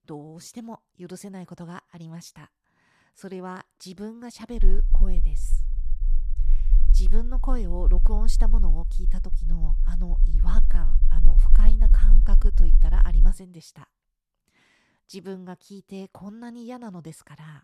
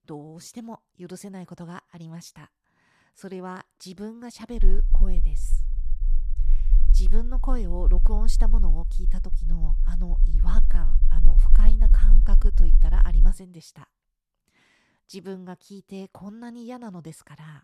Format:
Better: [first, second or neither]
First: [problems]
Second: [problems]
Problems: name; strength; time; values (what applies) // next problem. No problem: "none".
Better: neither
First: low rumble; noticeable; from 4.5 to 13 s; 10 dB below the speech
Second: low rumble; noticeable; from 4.5 to 13 s; 10 dB below the speech